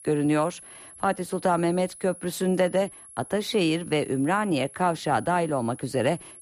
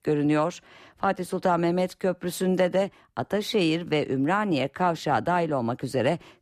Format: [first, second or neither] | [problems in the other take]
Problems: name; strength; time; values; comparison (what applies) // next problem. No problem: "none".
second | high-pitched whine; noticeable; throughout; 10.5 kHz, 20 dB below the speech